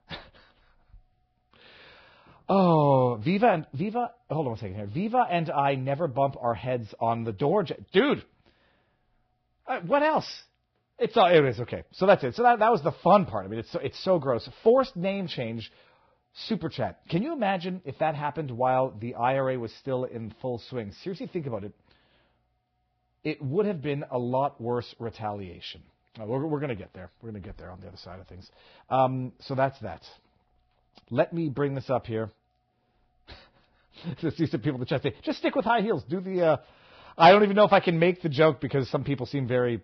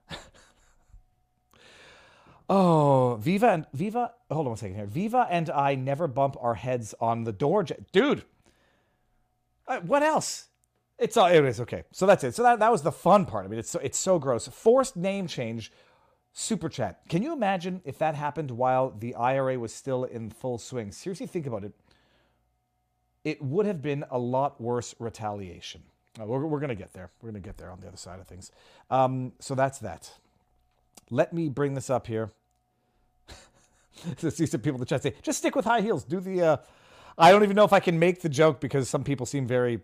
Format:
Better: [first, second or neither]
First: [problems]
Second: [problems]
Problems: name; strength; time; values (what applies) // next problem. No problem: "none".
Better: second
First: garbled, watery; badly; nothing above 5.5 kHz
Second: none